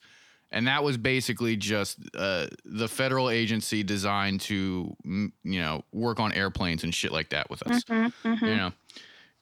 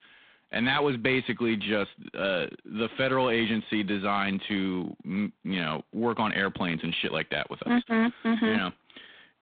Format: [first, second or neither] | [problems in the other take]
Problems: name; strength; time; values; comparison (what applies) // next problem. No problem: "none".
first | phone-call audio; poor line; nothing above 3.5 kHz